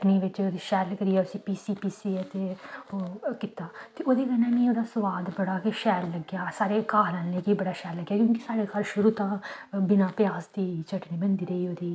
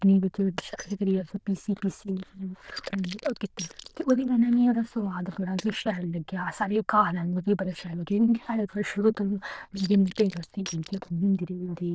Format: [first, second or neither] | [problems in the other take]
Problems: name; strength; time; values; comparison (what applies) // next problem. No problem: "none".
first | noise reduction (neural diffusion model UNIVERSE++)